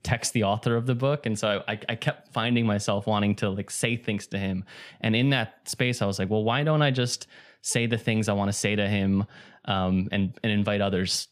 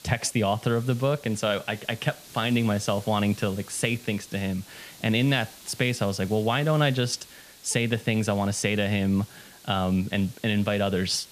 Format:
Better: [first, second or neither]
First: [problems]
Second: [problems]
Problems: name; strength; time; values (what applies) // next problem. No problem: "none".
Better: first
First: none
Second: hiss; faint; throughout; 20 dB below the speech